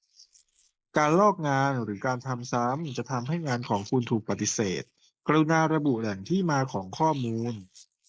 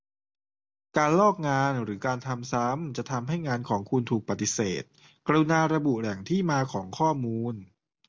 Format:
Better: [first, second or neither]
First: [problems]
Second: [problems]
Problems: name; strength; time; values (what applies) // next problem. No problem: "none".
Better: second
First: noise reduction (neural mask model Resemble Enhance denoiser)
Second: none